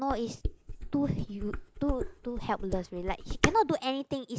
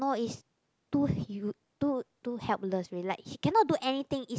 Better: second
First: noise reduction (neural mask model Resemble Enhance denoiser)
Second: none

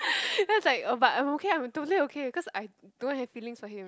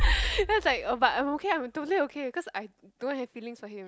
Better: first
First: none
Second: background sound (Bass drum); 5 dB below the speech

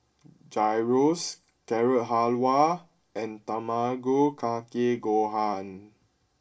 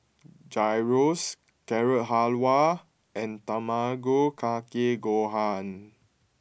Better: second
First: room echo; dies away in 0.2 s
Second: none

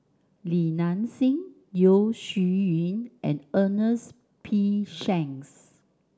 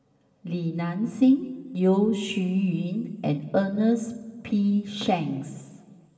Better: first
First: none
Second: room echo; dies away in 1.9 s

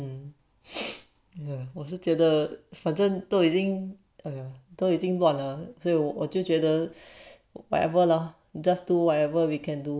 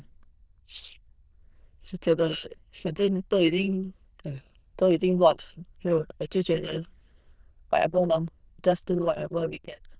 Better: first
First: none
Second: noise reduction (neural diffusion model UNIVERSE++)

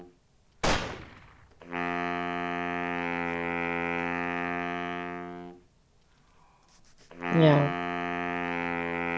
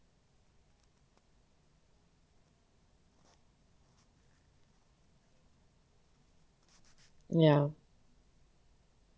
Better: second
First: background sound (Gunshot, gunfire + Wind instrument, woodwind instrument); 1 dB above the speech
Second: none

